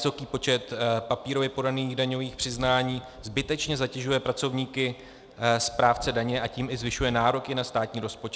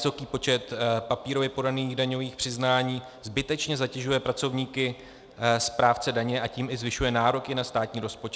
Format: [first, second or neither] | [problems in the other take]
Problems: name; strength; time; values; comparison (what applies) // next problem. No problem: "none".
second | background sound (Wind); 18 dB below the speech